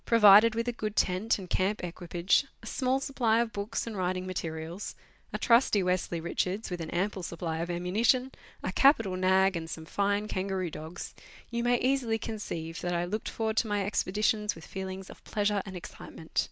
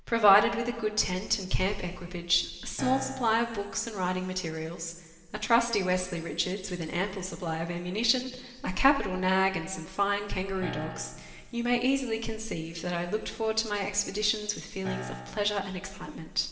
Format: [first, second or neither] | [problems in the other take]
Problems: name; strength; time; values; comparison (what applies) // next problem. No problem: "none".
first | background sound (Piano); 12 dB below the speech // room echo; dies away in 2 s